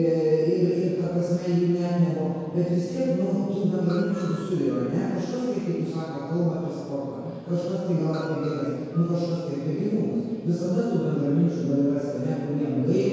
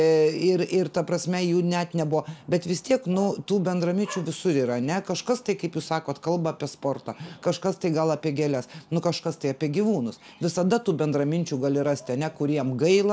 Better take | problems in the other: second | background sound (Screech); 20 dB below the speech // room echo; dies away in 2 s

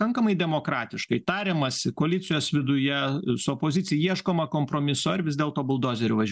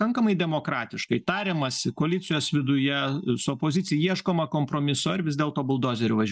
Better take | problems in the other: first | noise reduction (neural mask model DeepFilterNet 3)

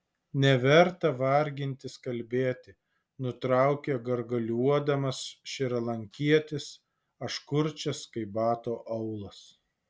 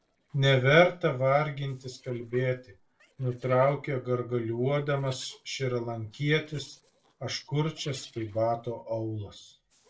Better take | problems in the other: first | noise reduction (neural separator model SepFormer DNS4)

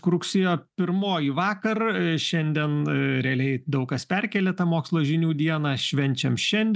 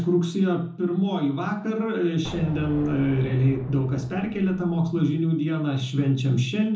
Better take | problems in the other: first | background sound (Explosion); 15 dB below the speech // room echo; dies away in 0.6 s

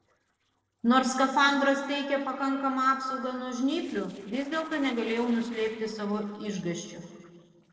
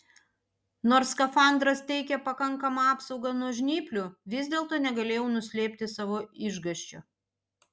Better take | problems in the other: second | noise reduction (neural separator model SepFormer DNS4)

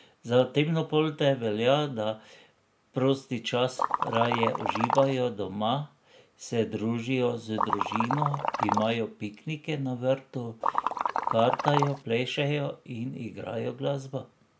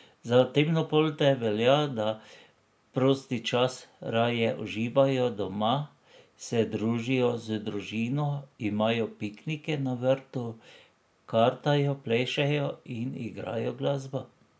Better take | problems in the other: second | background sound (Liquid); as loud as the speech

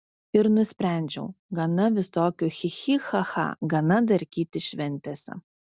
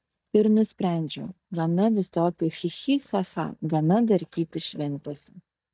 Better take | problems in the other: first | noise reduction (neural mask model DeepFilterNet 3)

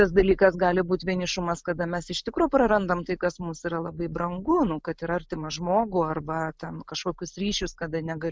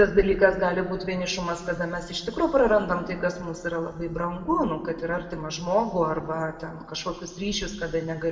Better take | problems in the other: first | room echo; dies away in 1.5 s

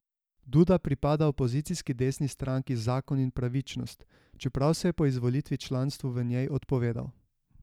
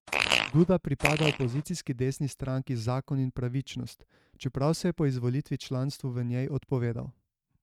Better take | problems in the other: first | noise reduction (neural mask model RNNoise)

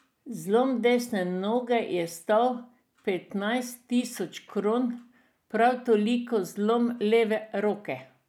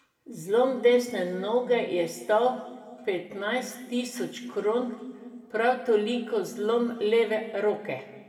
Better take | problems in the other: first | room echo; dies away in 1.4 s

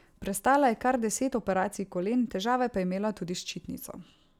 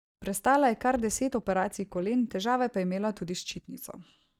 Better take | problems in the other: first | noise reduction (neural mask model DeepFilterNet 3)

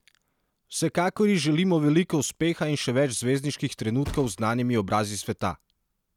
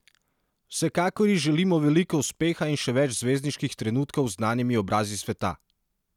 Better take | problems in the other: second | background sound (Thump, thud); 18 dB below the speech

